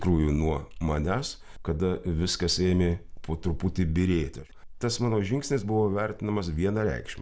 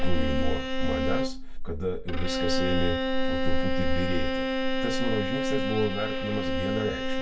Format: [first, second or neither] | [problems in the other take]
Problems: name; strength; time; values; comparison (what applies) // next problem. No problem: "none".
first | background sound (Bowed string instrument); 4 dB below the speech // room echo; dies away in 0.1 s